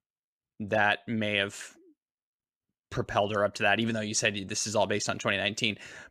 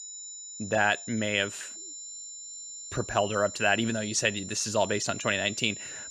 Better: first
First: none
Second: high-pitched whine; noticeable; throughout; 7 kHz, 10 dB below the speech

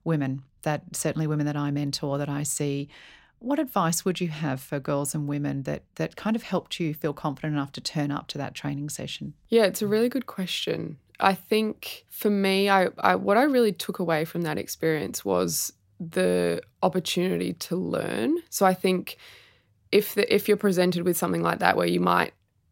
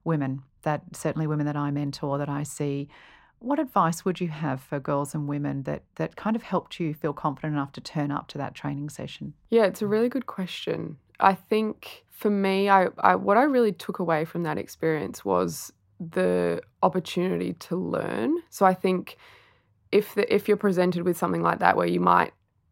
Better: first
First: none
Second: muffled; slightly; fading above 3 kHz

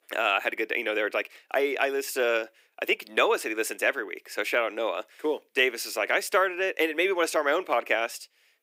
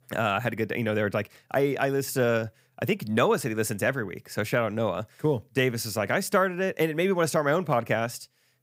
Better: second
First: thin; very; fading below 300 Hz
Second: none

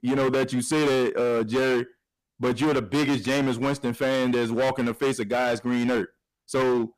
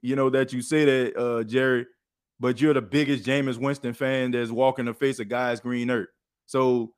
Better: second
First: distortion; heavy; 22% of the sound clipped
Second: none

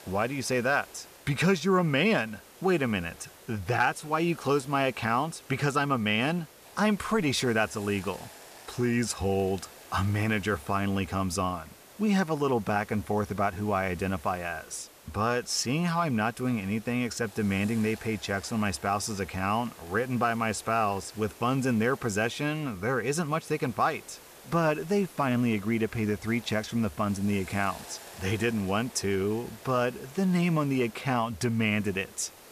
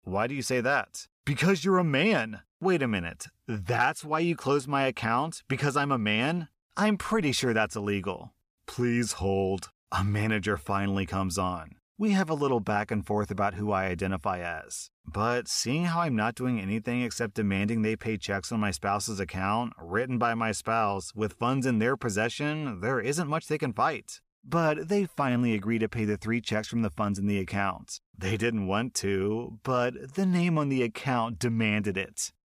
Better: second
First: hiss; noticeable; throughout; 20 dB below the speech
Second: none

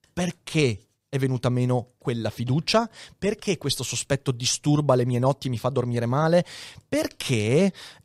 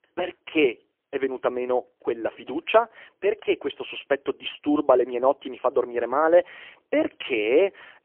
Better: first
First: none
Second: phone-call audio; poor line; nothing above 3 kHz

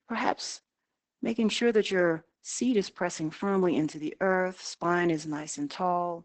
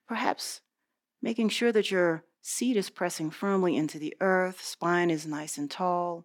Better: second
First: garbled, watery; badly; nothing above 8 kHz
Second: none

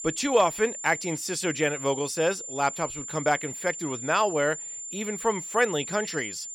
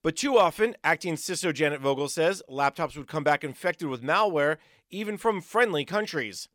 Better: second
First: high-pitched whine; loud; throughout; 7 kHz, 8 dB below the speech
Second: none

